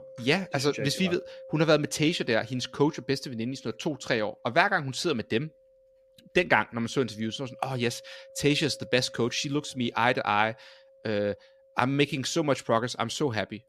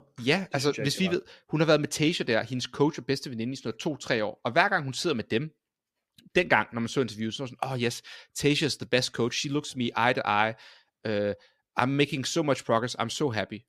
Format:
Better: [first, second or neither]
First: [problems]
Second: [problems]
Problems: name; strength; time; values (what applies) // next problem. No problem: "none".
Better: second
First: background music; faint; throughout; 25 dB below the speech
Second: none